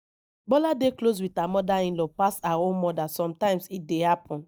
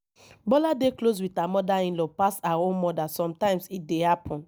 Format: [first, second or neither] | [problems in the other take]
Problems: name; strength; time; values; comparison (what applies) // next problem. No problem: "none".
second | noise reduction (neural mask model DeepFilterNet 3)